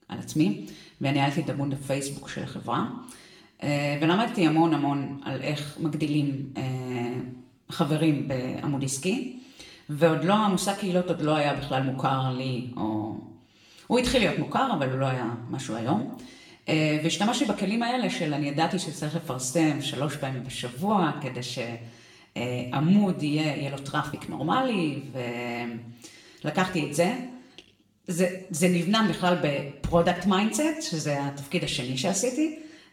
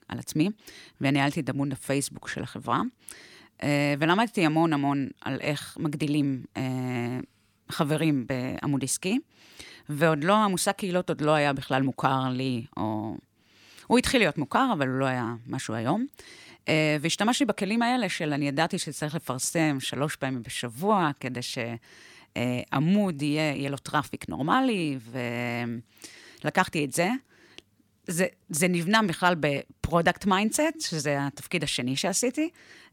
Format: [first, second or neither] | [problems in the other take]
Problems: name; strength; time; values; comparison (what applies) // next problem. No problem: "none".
second | room echo; slight; dies away in 0.6 s // off-mic speech; far